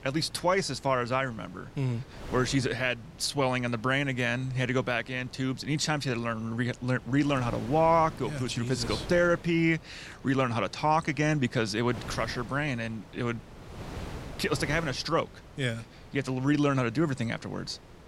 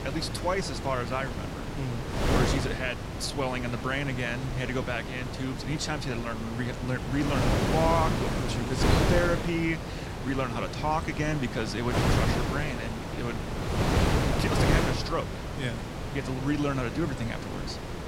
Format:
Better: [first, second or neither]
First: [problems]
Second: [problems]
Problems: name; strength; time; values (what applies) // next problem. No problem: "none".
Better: first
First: wind noise on the microphone; occasional gusts; 20 dB below the speech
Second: wind noise on the microphone; heavy; 1 dB below the speech